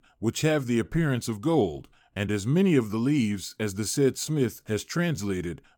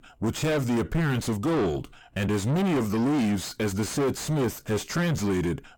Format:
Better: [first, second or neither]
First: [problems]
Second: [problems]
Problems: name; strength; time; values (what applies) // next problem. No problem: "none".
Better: first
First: none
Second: distortion; heavy; 4 dB below the speech